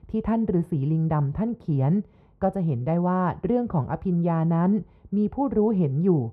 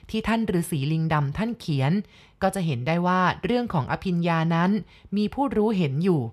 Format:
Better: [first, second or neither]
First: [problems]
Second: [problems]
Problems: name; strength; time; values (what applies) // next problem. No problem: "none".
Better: second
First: muffled; very; fading above 1.5 kHz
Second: none